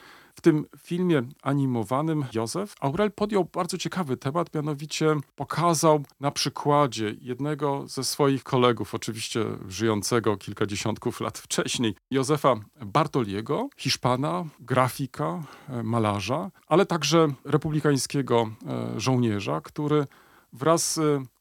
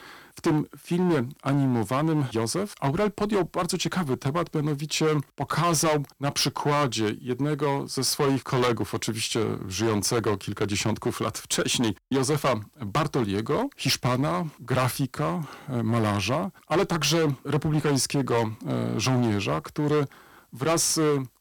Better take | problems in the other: first | distortion; heavy; 12% of the sound clipped

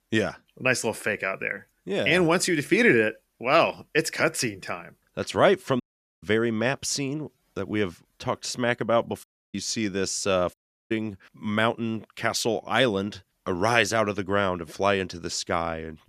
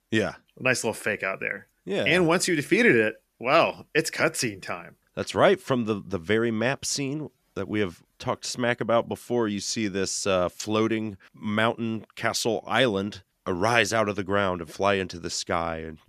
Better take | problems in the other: second | audio cutting out; at 6 s, at 9 s and at 11 s

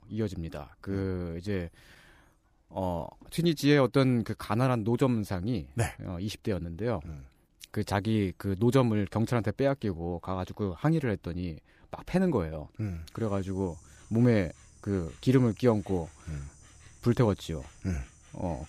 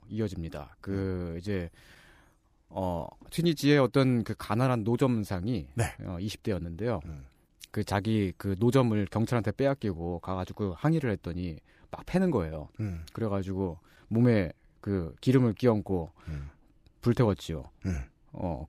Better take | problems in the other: second | animal sounds; faint; throughout; 25 dB below the speech

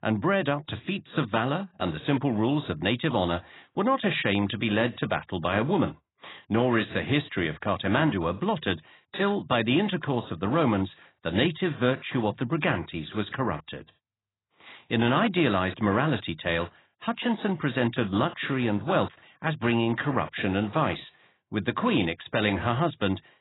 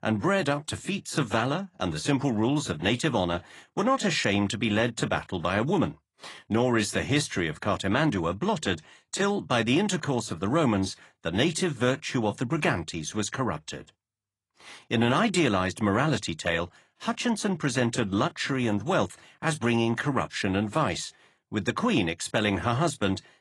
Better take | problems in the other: second | garbled, watery; badly; nothing above 4 kHz; slightly in the second

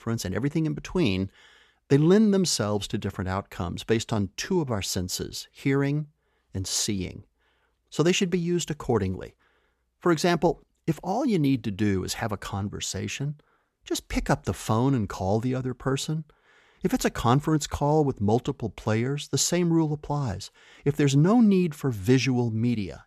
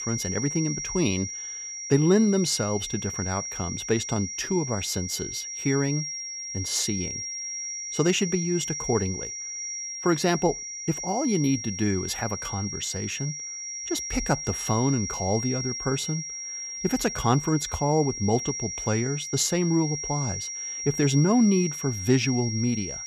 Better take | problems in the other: first | high-pitched whine; loud; throughout; 5.5 kHz, 5 dB below the speech

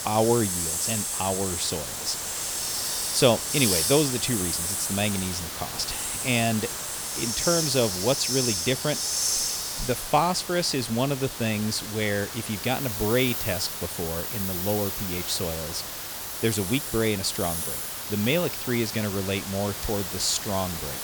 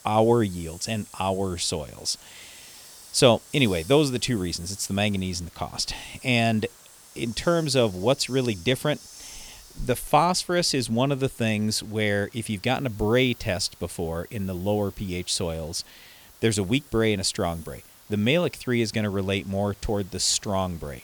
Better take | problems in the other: second | hiss; loud; throughout; 1 dB below the speech; faint in the second

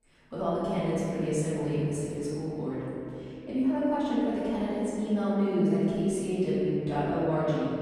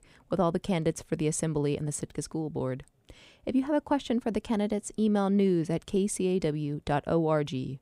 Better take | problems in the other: second | room echo; strong; dies away in 2.7 s // off-mic speech; far

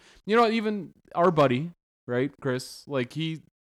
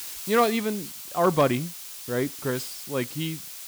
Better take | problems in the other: first | hiss; loud; throughout; 9 dB below the speech

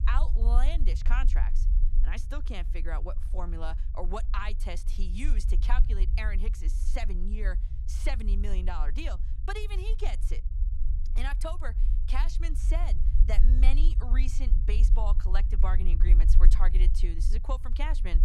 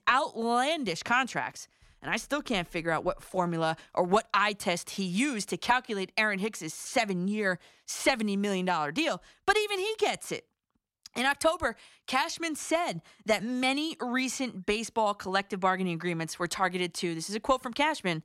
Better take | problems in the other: second | low rumble; noticeable; throughout; 10 dB below the speech

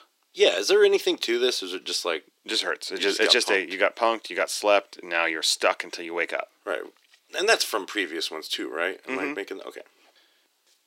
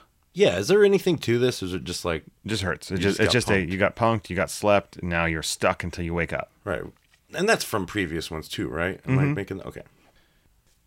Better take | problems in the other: second | thin; somewhat; fading below 300 Hz

